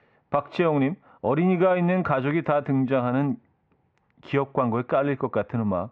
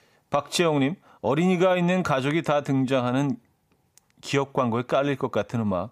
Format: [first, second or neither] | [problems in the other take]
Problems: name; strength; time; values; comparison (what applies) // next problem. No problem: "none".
second | muffled; very; fading above 2.5 kHz